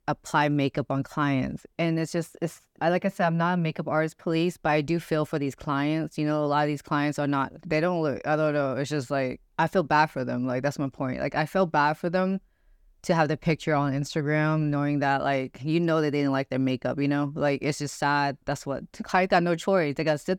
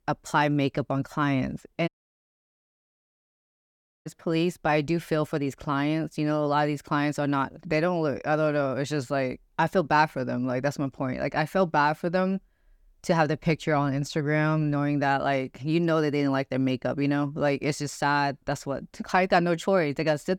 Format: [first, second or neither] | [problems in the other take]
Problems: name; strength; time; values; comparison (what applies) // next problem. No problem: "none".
first | audio cutting out; at 2 s for 2 s